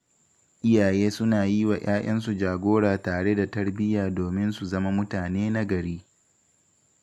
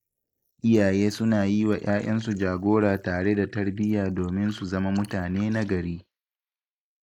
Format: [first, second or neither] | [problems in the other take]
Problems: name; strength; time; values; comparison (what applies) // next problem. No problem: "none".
first | noise reduction (neural mask model Resemble Enhance denoiser)